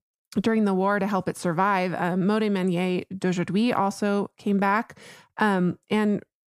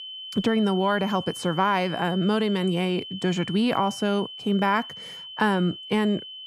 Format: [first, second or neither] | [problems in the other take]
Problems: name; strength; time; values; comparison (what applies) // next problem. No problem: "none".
first | high-pitched whine; noticeable; throughout; 3 kHz, 10 dB below the speech